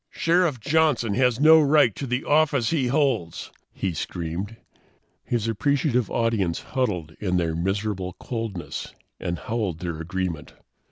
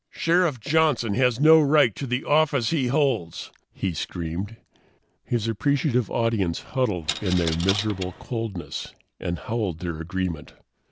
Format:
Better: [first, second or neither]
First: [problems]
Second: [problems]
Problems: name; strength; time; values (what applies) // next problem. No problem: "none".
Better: first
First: none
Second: background sound (Coin (dropping)); 8 dB below the speech